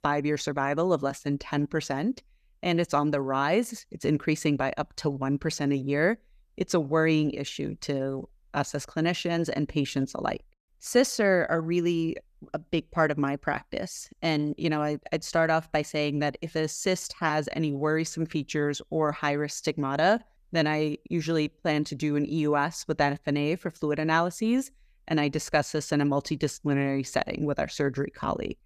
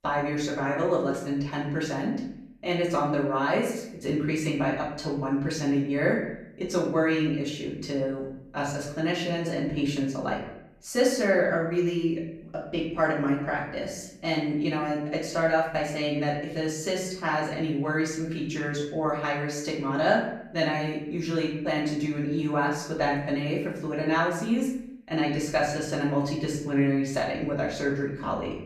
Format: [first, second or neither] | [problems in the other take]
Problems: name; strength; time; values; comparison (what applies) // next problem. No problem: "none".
first | off-mic speech; far // room echo; noticeable; dies away in 0.6 s